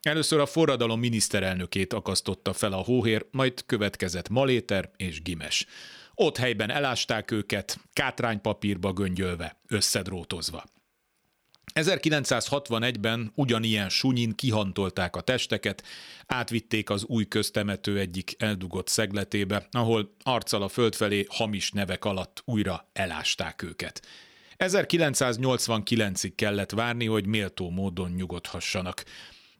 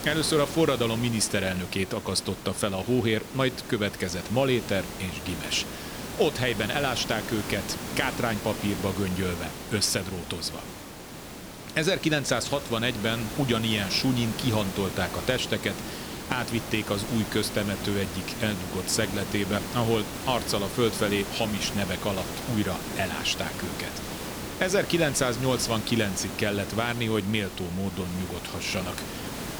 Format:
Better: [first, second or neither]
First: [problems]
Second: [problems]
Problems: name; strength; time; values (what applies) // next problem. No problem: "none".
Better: first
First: none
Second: hiss; loud; throughout; 8 dB below the speech